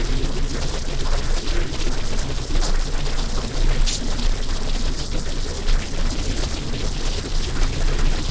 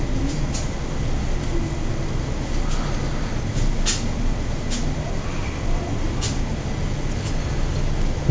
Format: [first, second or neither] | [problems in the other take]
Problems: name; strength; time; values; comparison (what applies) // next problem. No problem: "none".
second | noise reduction (neural separator model SepFormer DNS4)